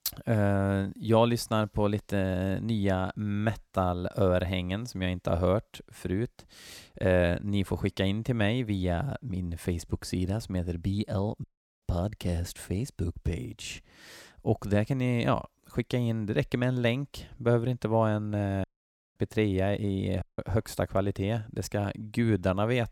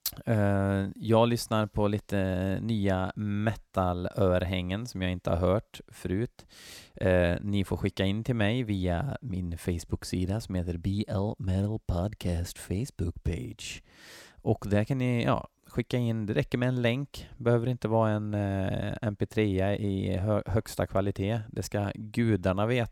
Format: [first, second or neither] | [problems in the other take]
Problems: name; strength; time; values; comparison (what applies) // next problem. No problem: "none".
second | audio cutting out; at 11 s, at 19 s for 0.5 s and at 20 s